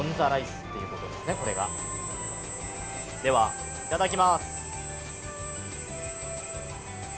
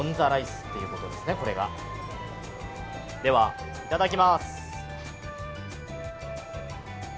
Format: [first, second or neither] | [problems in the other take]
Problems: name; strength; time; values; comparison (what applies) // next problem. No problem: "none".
second | background sound (Drill); 6 dB below the speech